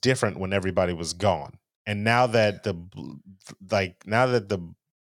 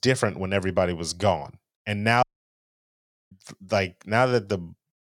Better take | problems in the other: first | audio cutting out; at 2 s for 1 s

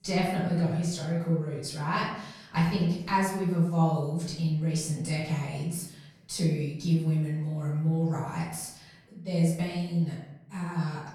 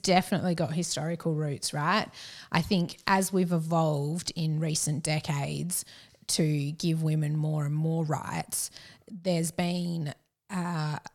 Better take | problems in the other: second | room echo; noticeable; dies away in 0.7 s // off-mic speech; far

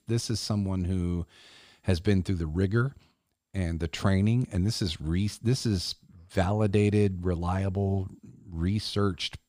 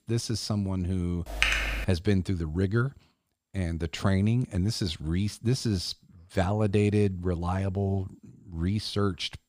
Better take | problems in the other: first | keyboard typing; loud; at 1.5 s; peak 4 dB above the speech

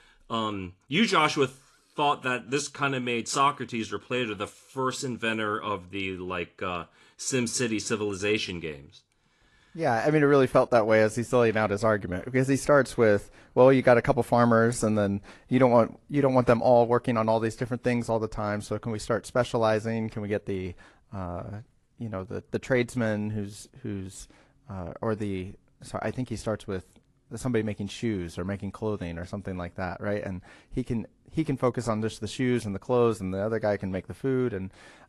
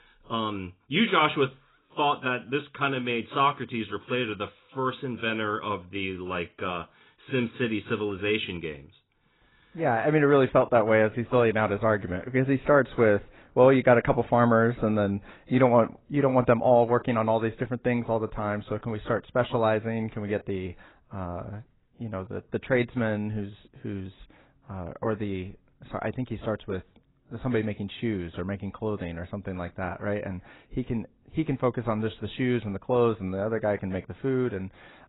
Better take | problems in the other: first | garbled, watery; badly; nothing above 4 kHz; slightly in the first

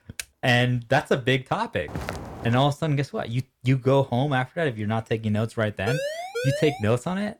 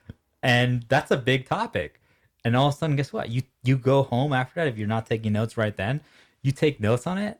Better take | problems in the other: second | keyboard typing; very faint; at the start; peak 15 dB below the speech // footsteps; noticeable; at 2 s; peak 9 dB below the speech // siren; noticeable; at 6 s; peak 5 dB below the speech

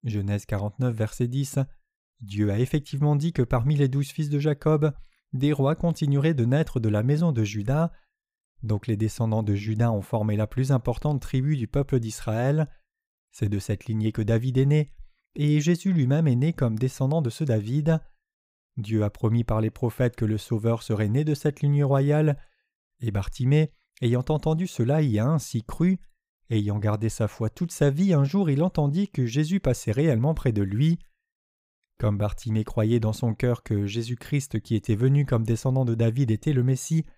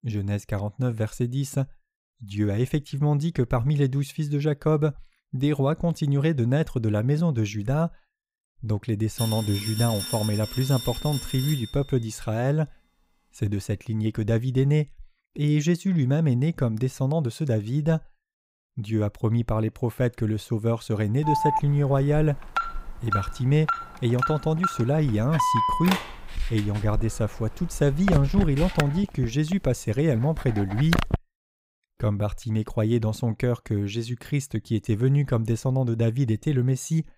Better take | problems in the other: first | phone ringing; noticeable; from 9 to 12 s; peak 5 dB below the speech // alarm; loud; from 21 to 31 s; peak 3 dB above the speech

